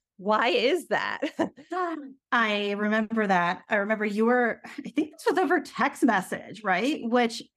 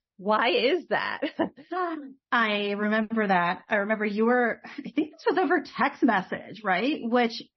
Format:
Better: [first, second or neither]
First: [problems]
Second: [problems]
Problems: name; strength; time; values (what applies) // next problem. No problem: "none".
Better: first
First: none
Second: garbled, watery; slightly; nothing above 5.5 kHz